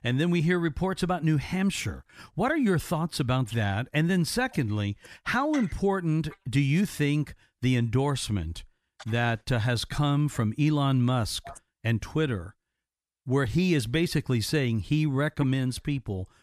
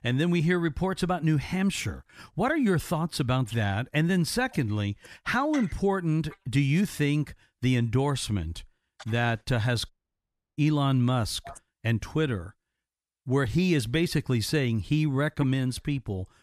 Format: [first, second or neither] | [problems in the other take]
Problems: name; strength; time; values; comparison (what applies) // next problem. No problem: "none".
first | audio cutting out; at 10 s for 0.5 s